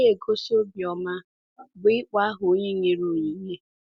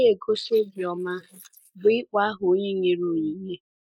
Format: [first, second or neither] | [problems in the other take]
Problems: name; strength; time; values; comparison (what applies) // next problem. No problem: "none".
first | noise reduction (neural mask model Resemble Enhance denoiser)